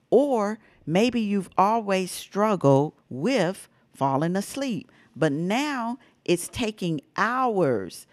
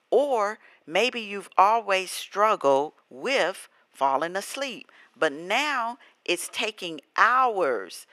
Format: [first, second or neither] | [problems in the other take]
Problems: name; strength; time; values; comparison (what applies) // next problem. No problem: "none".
first | thin; very; fading below 550 Hz